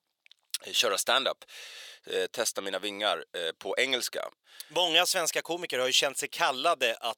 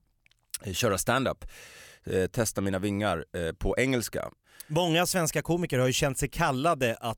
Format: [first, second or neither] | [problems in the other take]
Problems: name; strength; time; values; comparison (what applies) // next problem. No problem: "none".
second | thin; very; fading below 550 Hz